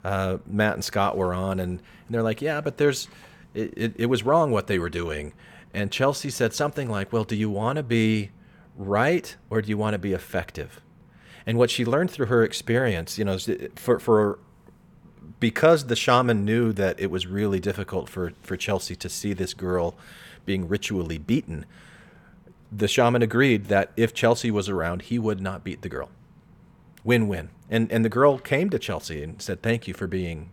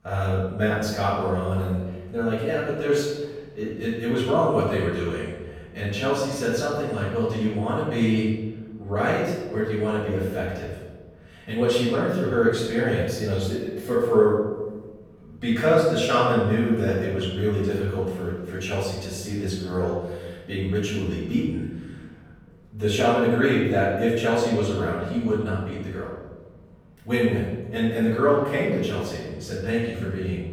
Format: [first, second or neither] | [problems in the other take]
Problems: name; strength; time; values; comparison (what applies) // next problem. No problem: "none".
first | room echo; noticeable; dies away in 1.1 s // off-mic speech; far